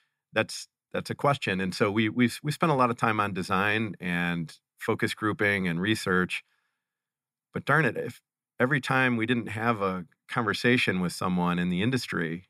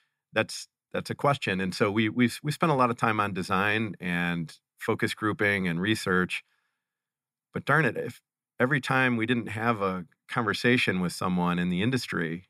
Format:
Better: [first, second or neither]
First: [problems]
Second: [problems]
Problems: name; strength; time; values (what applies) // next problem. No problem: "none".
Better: neither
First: none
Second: none